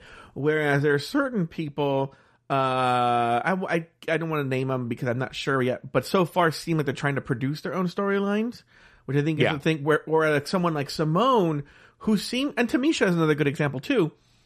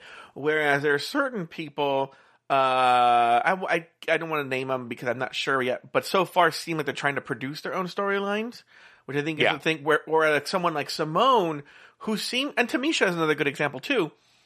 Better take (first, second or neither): first